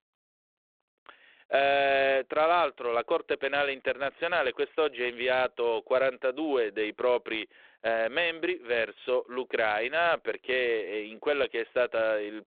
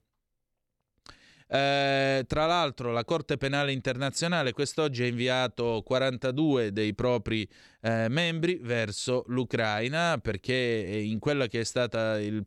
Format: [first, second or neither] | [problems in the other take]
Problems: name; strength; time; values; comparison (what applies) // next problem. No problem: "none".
second | phone-call audio; nothing above 3.5 kHz